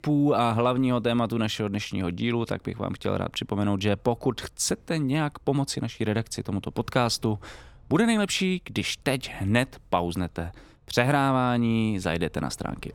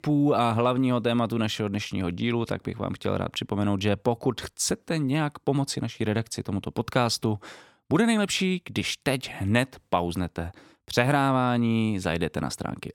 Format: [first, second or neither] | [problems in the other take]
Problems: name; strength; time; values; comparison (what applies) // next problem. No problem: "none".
second | traffic noise; faint; throughout; 30 dB below the speech